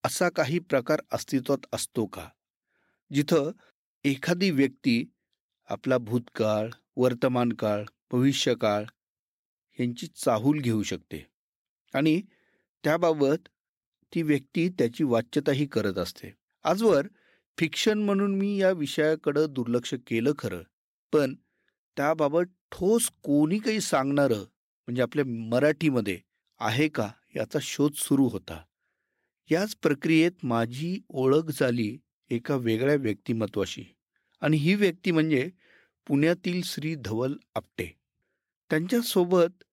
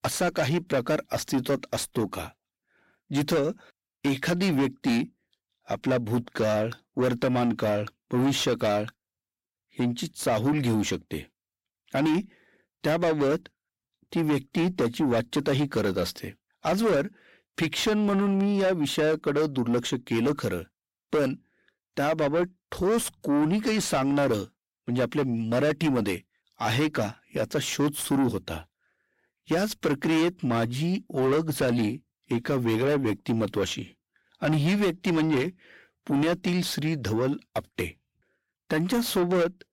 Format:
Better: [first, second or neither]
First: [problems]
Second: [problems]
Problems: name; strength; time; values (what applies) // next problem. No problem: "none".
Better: first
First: none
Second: distortion; heavy; 8 dB below the speech